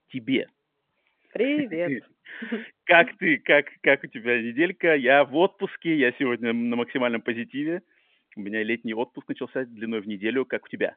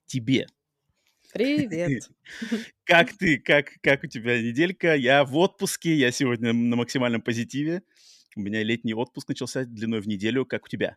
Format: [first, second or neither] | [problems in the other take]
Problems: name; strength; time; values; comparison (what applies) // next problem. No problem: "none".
second | phone-call audio; nothing above 3.5 kHz